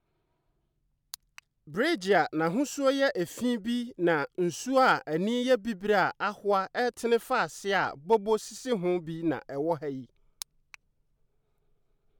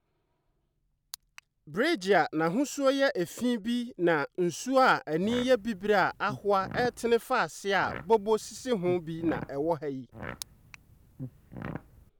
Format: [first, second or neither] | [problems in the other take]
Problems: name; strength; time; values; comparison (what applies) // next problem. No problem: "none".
first | background sound (Fart); 14 dB below the speech